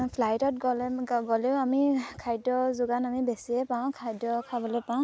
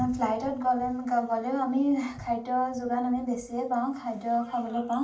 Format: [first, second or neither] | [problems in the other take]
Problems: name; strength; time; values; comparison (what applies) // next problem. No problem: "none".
first | room echo; dies away in 0.3 s